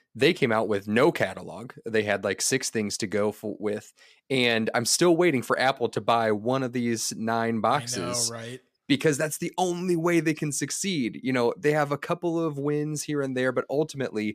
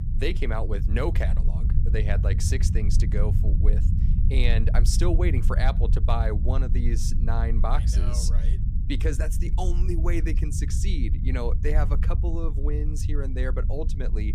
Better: first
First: none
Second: low rumble; loud; throughout; 8 dB below the speech

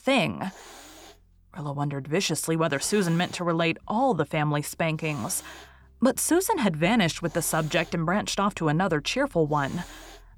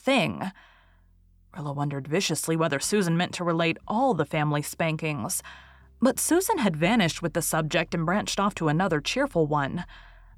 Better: second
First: hiss; faint; throughout; 20 dB below the speech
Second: none

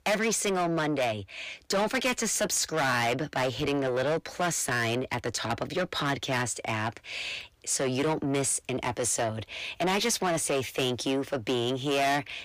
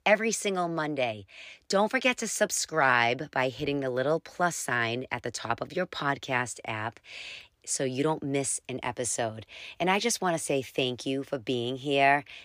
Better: second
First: distortion; heavy; 6 dB below the speech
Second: none

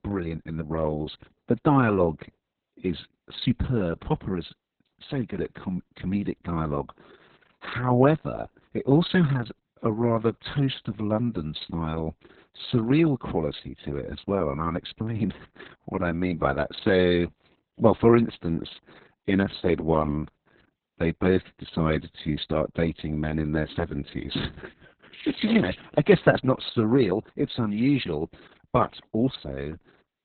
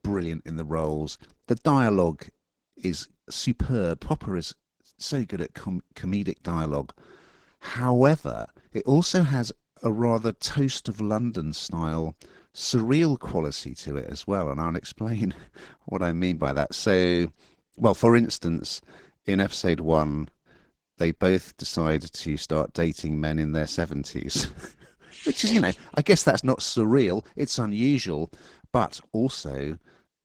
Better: second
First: garbled, watery; badly; nothing above 4 kHz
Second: garbled, watery; slightly

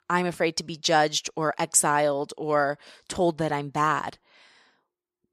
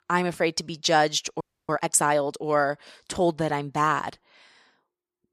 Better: first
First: none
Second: audio freezing; at 1.5 s

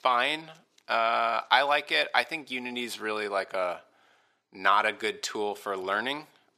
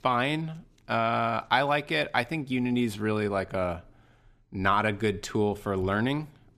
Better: second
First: thin; very; fading below 550 Hz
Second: none

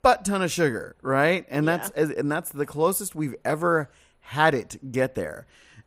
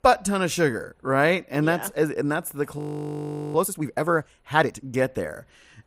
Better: first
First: none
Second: audio freezing; at 3 s for 1 s

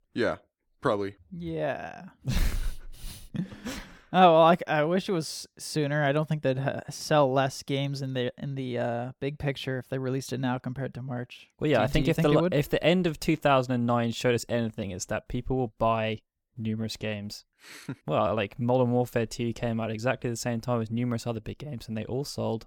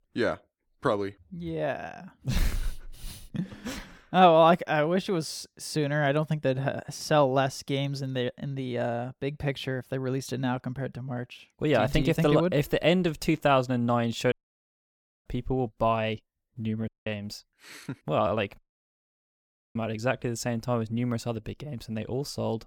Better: first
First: none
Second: audio cutting out; at 14 s for 1 s, at 17 s and at 19 s for 1 s

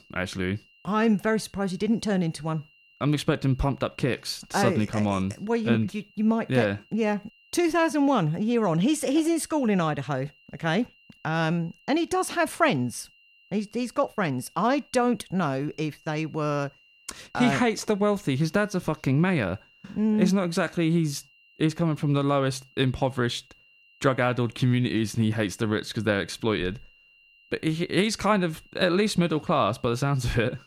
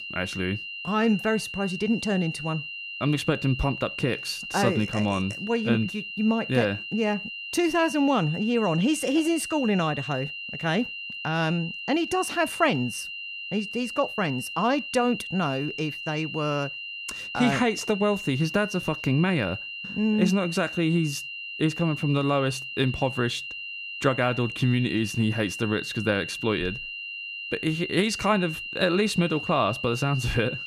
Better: first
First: high-pitched whine; faint; throughout; 3 kHz, 30 dB below the speech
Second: high-pitched whine; loud; throughout; 3 kHz, 7 dB below the speech

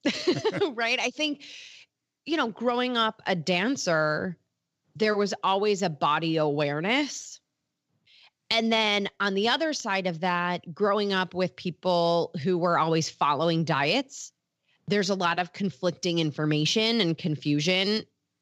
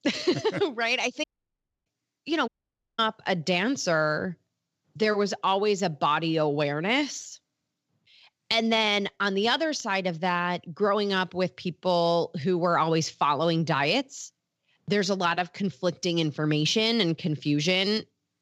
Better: first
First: none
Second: audio cutting out; at 1 s for 0.5 s and at 2.5 s for 0.5 s

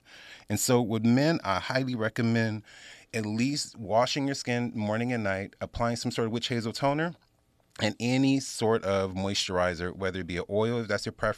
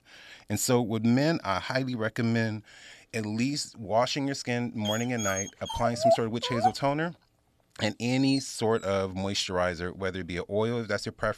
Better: first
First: none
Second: dog barking; loud; from 5 to 8.5 s; peak 4 dB above the speech

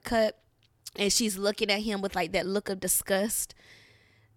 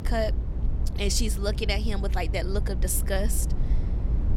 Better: first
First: none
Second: low rumble; noticeable; throughout; 15 dB below the speech

